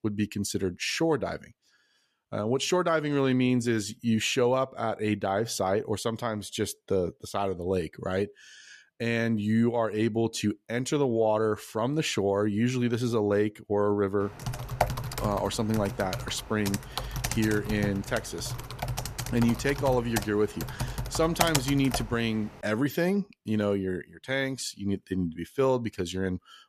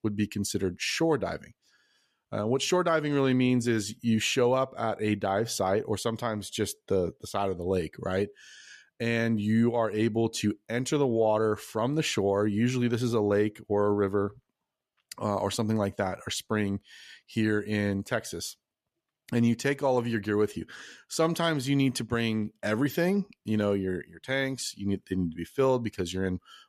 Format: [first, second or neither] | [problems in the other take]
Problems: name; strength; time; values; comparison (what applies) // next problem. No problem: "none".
second | keyboard typing; loud; from 14 to 22 s; peak 1 dB above the speech